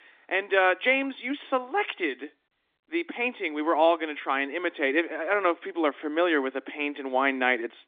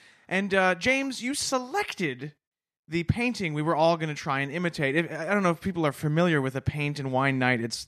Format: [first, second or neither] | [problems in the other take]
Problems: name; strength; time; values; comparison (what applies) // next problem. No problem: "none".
second | phone-call audio